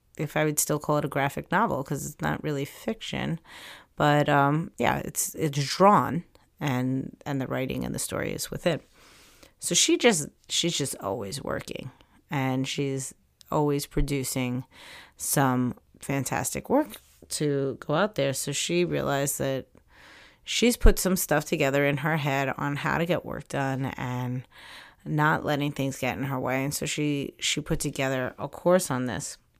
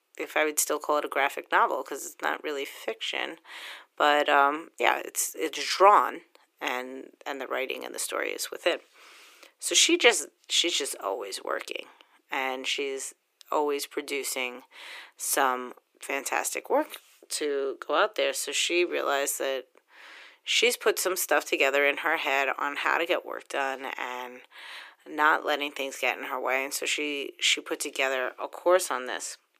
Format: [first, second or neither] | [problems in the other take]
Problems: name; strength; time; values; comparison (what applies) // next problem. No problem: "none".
first | thin; very; fading below 350 Hz